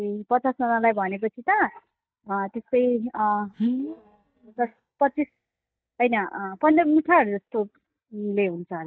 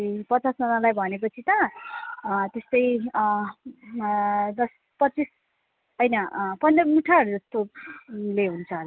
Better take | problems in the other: second | noise reduction (neural mask model DeepFilterNet 3)

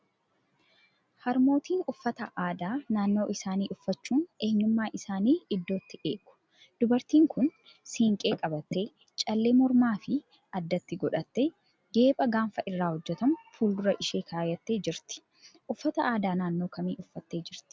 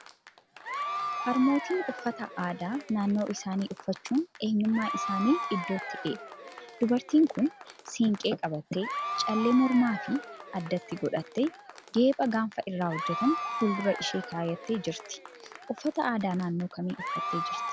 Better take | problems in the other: first | background sound (Applause / Crowd / Cheering); 8 dB below the speech

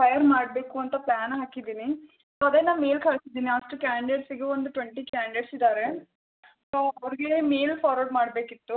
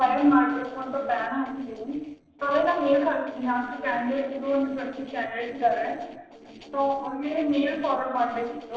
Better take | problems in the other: first | noise reduction (neural separator model SepFormer DNS4)

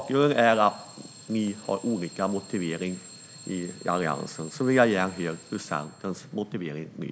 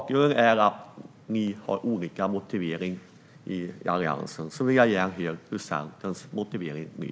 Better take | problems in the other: second | background sound (Alarm / Clock); 20 dB below the speech

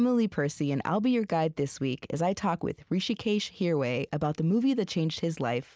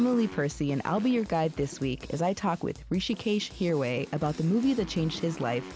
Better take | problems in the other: first | background sound (Drum kit + Motorcycle); 16 dB below the speech

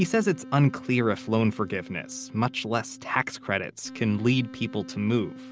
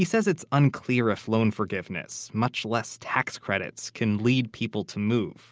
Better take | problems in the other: second | background sound (Wind instrument, woodwind instrument); 17 dB below the speech

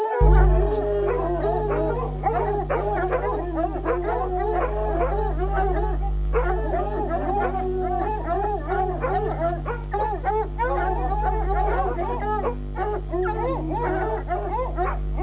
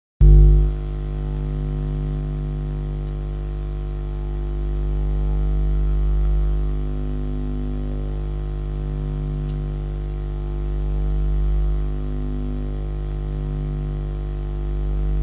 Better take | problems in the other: second | background sound (Dog); 1 dB above the speech

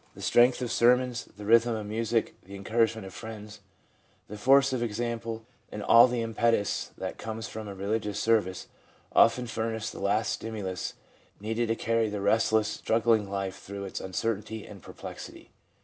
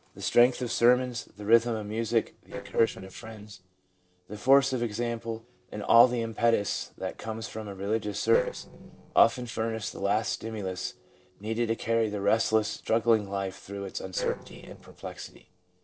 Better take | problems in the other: first | noise reduction (neural separator model SepFormer DNS4)

